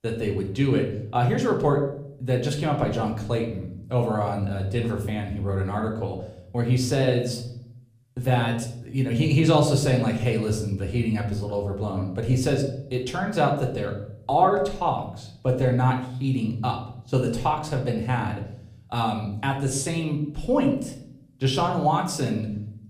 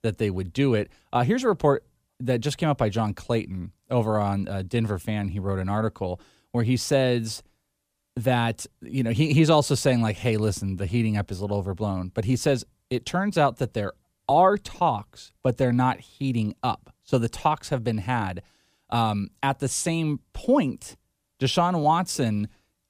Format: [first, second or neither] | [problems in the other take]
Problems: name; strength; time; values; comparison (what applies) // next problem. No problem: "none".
second | room echo; slight; dies away in 0.6 s // off-mic speech; somewhat distant